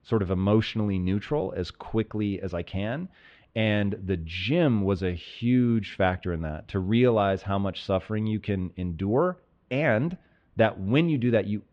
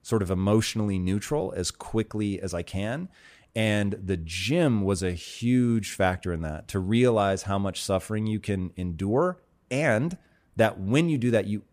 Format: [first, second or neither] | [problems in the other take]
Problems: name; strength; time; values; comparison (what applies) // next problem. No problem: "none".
second | muffled; slightly; fading above 3.5 kHz